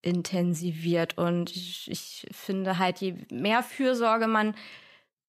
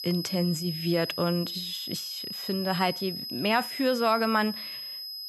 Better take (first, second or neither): first